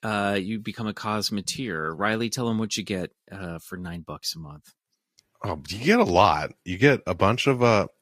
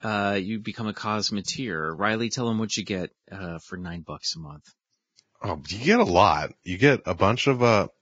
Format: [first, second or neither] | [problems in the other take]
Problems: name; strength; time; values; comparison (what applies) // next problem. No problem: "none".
first | garbled, watery; badly; nothing above 7.5 kHz; slightly in the first